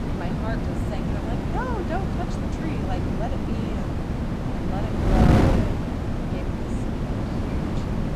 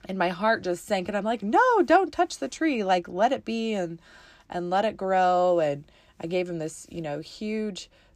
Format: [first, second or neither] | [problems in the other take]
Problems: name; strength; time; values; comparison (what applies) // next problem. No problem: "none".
second | wind noise on the microphone; heavy; 4 dB above the speech